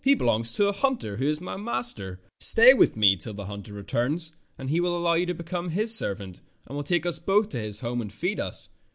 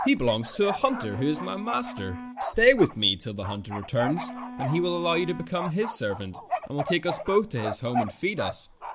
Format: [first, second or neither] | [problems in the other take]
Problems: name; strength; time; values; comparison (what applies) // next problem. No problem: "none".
first | background sound (Bark + Wind instrument, woodwind instrument); 8 dB below the speech